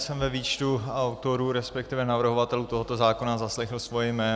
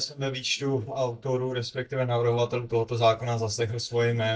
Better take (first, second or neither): first